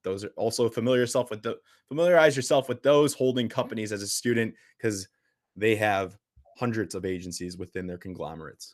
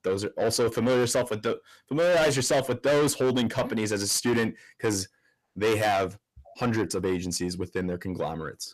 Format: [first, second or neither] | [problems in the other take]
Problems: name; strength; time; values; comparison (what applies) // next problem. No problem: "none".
first | distortion; heavy; 6 dB below the speech